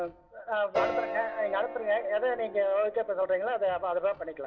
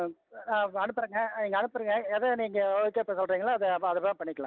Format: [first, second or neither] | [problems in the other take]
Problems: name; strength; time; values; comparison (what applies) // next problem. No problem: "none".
second | background sound (Piano); 8 dB below the speech // room echo; dies away in 0.9 s